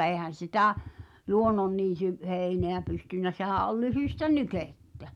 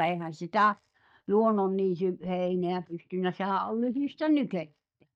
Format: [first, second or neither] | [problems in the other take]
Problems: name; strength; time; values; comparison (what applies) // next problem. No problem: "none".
first | noise reduction (neural mask model DeepFilterNet 3)